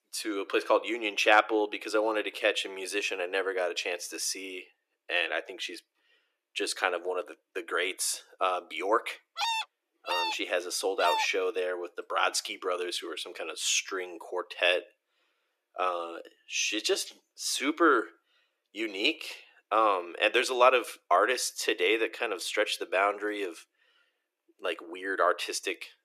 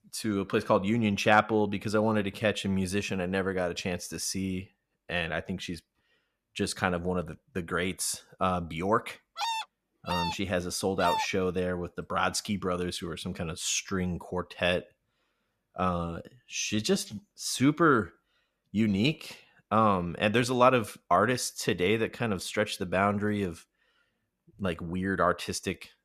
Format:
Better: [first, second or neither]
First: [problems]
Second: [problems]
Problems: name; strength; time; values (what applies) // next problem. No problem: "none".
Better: second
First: thin; very; fading below 300 Hz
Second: none